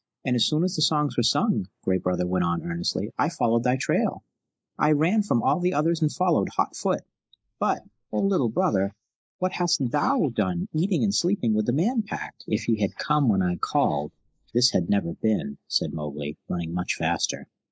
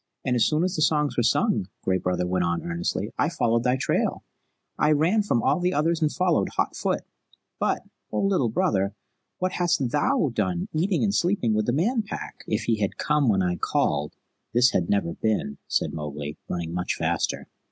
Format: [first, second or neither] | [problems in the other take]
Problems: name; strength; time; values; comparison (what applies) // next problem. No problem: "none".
second | noise reduction (neural mask model Resemble Enhance denoiser)